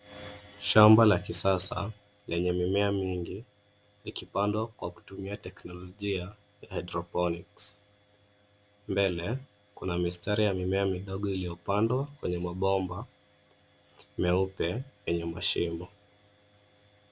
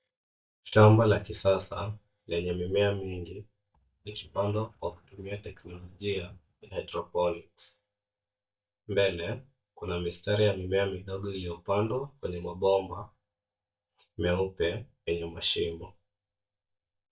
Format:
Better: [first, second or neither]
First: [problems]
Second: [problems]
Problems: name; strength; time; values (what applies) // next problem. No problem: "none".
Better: first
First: none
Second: noise reduction (neural mask model DeepFilterNet 3)